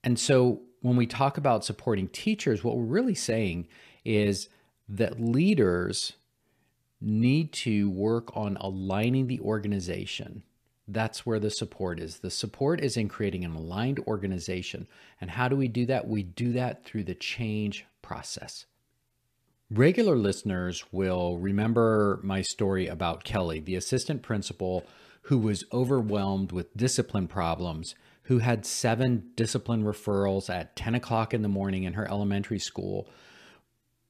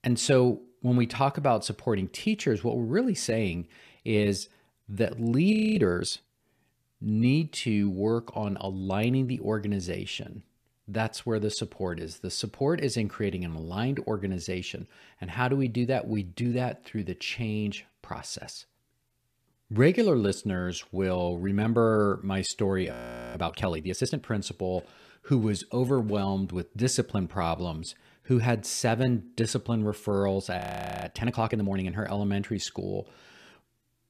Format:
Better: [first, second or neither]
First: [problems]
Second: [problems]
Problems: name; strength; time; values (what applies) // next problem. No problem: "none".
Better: first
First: none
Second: audio freezing; at 5.5 s, at 23 s and at 31 s